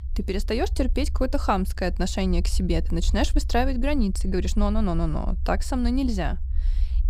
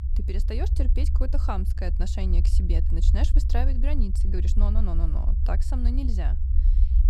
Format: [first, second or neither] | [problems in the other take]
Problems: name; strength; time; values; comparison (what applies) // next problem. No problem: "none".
first | low rumble; loud; throughout; 7 dB below the speech; faint in the first